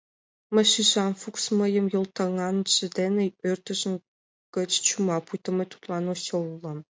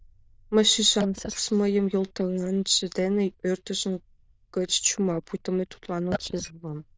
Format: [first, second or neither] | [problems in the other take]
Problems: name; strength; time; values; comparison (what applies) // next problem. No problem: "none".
first | noise reduction (neural diffusion model UNIVERSE++)